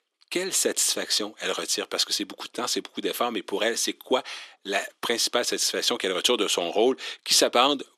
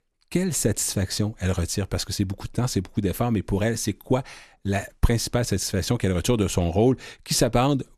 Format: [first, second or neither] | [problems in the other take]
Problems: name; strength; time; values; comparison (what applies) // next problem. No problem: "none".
second | thin; somewhat; fading below 300 Hz